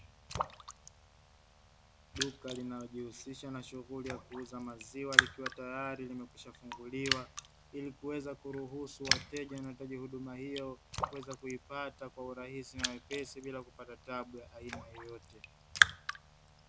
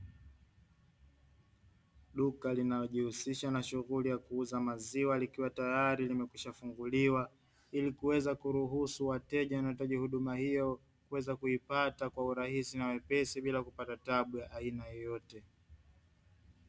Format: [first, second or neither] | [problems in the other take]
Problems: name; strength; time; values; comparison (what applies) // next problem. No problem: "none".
second | background sound (Raindrop); 5 dB above the speech